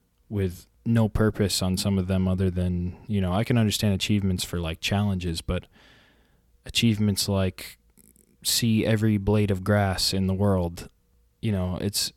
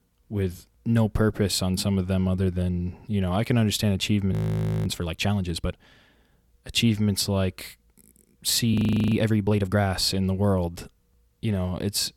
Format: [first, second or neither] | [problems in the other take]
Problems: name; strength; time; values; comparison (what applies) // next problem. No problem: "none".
first | audio freezing; at 4.5 s for 0.5 s and at 8.5 s